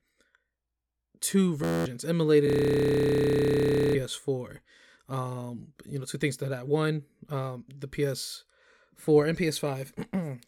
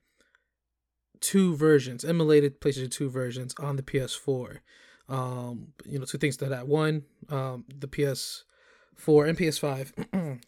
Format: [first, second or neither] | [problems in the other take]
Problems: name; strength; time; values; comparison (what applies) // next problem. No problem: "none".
second | audio freezing; at 1.5 s and at 2.5 s for 1.5 s